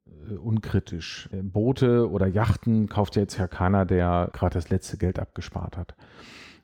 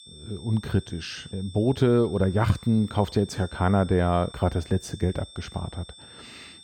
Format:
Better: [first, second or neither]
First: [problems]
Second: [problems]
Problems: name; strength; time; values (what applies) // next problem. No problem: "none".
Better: first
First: none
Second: high-pitched whine; noticeable; throughout; 3.5 kHz, 20 dB below the speech